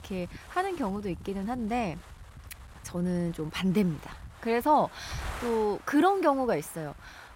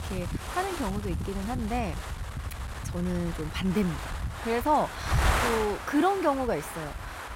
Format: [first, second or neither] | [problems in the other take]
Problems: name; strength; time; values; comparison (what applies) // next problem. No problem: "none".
first | wind noise on the microphone; heavy; 5 dB below the speech; occasional gusts in the first